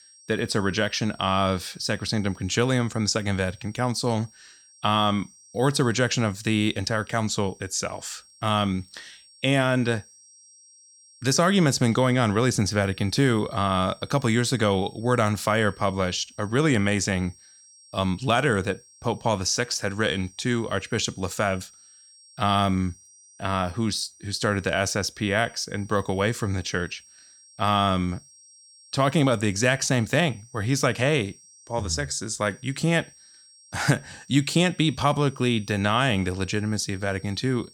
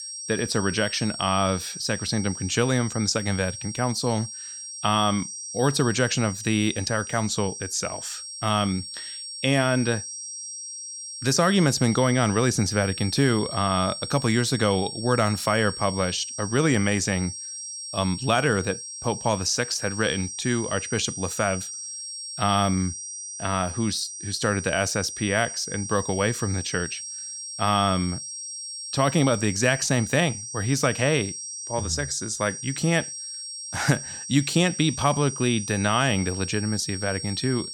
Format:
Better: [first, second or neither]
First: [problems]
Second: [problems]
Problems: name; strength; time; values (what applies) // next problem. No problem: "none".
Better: first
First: high-pitched whine; faint; throughout; 5.5 kHz, 25 dB below the speech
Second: high-pitched whine; loud; throughout; 5.5 kHz, 8 dB below the speech